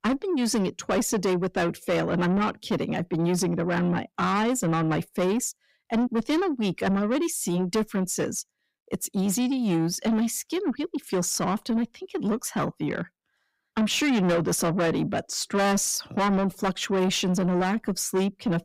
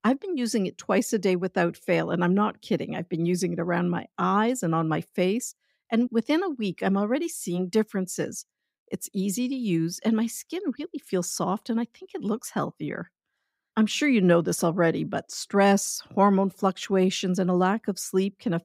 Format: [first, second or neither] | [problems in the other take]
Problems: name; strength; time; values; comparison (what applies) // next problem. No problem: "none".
second | distortion; heavy; 7 dB below the speech